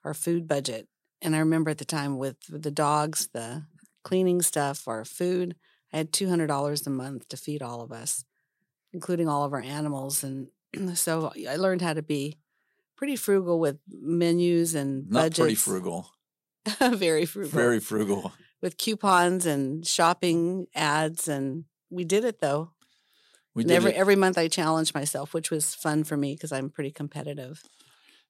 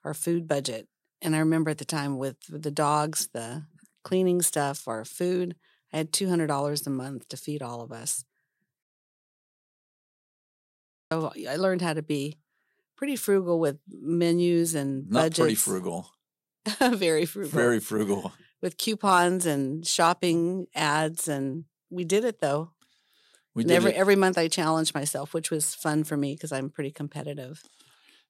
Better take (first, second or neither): first